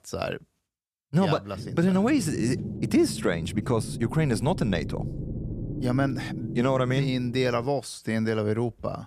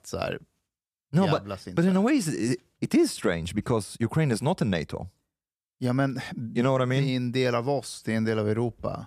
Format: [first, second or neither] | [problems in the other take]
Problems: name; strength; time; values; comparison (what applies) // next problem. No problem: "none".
second | low rumble; noticeable; from 1.5 to 7.5 s; 15 dB below the speech